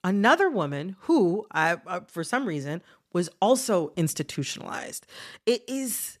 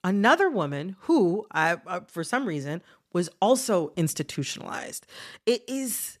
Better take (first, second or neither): neither